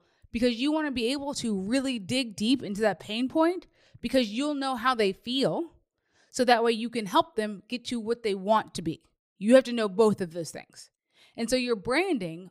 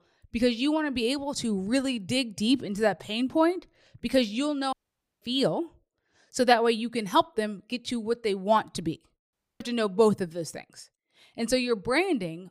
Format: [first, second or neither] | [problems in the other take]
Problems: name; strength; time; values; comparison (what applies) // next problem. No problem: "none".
first | audio cutting out; at 4.5 s and at 9.5 s